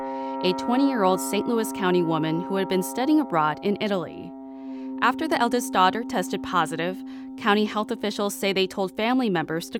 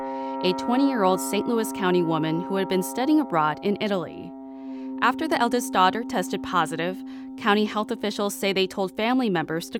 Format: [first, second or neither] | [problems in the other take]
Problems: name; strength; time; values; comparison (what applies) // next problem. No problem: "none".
neither | background music; noticeable; throughout; 10 dB below the speech; the same in both